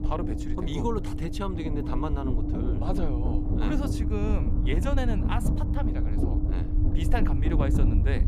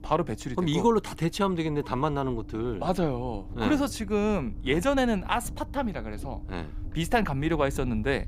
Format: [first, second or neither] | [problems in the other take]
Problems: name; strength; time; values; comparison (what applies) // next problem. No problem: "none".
second | low rumble; loud; throughout; 2 dB below the speech; faint in the second